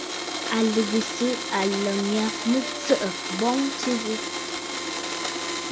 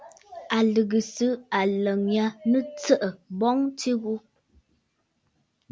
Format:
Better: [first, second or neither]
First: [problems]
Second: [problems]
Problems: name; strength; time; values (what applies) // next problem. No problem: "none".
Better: second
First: background sound (Domestic sounds, home sounds); 4 dB below the speech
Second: none